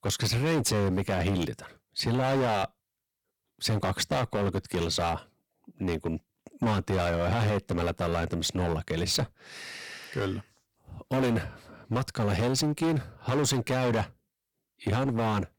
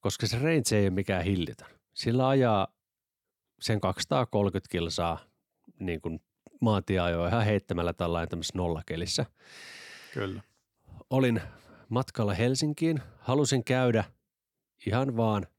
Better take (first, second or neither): second